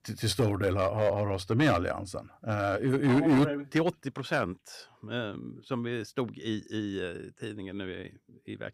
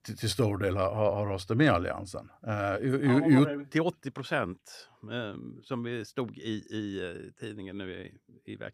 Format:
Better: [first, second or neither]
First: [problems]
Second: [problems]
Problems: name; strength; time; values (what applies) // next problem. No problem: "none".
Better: second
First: distortion; slight; 3% of the sound clipped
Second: none